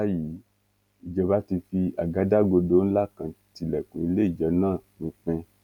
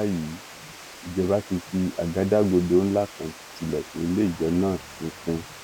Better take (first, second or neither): first